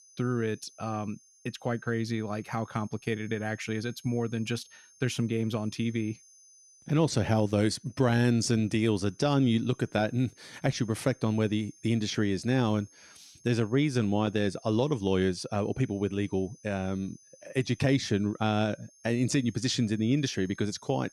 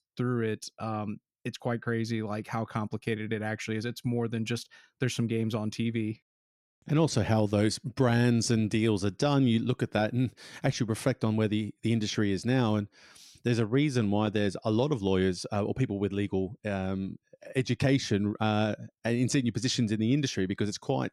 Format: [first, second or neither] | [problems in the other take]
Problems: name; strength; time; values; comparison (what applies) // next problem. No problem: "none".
second | high-pitched whine; faint; throughout; 6.5 kHz, 25 dB below the speech